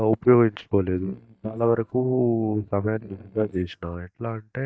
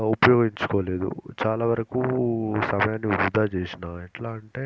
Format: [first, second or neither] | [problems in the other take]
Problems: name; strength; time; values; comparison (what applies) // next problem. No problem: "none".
second | noise reduction (neural mask model DeepFilterNet 3)